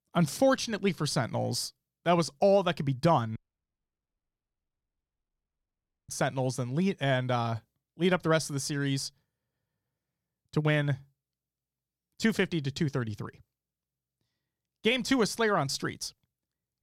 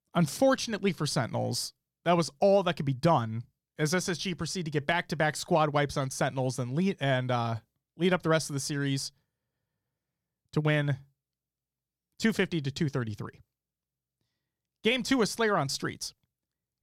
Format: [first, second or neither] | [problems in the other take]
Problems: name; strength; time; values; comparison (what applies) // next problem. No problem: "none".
second | audio cutting out; at 3.5 s for 2.5 s